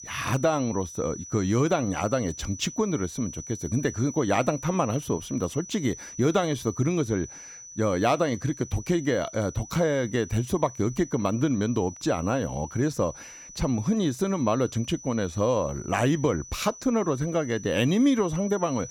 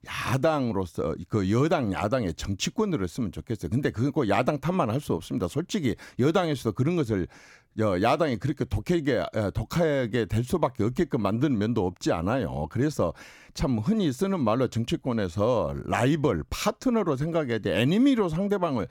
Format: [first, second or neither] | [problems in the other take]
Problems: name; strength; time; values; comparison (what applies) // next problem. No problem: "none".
second | high-pitched whine; noticeable; throughout; 6 kHz, 15 dB below the speech